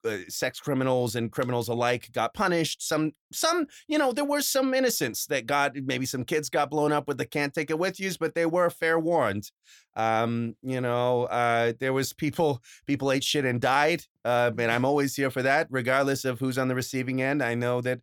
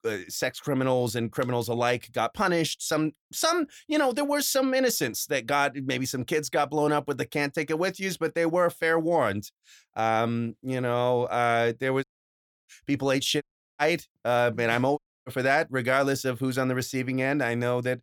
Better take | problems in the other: first | audio cutting out; at 12 s for 0.5 s, at 13 s and at 15 s

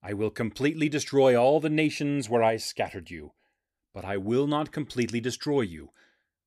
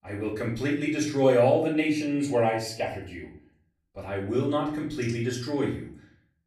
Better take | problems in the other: first | off-mic speech; far // room echo; slight; dies away in 0.4 s

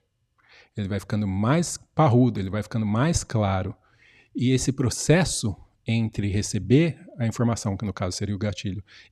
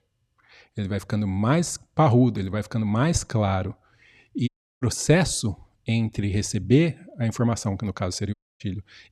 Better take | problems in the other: first | audio cutting out; at 4.5 s and at 8.5 s

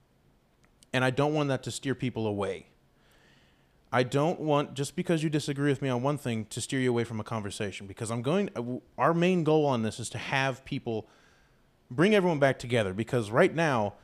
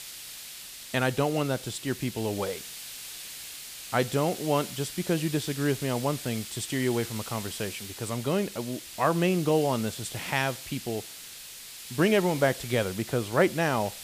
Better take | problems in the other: first | hiss; noticeable; throughout; 10 dB below the speech

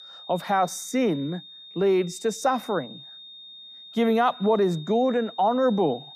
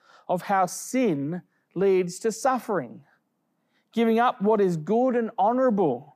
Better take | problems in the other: second | high-pitched whine; noticeable; throughout; 3.5 kHz, 15 dB below the speech

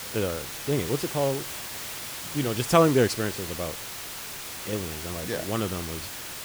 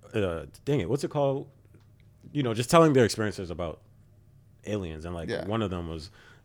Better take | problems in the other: second | hiss; loud; throughout; 6 dB below the speech

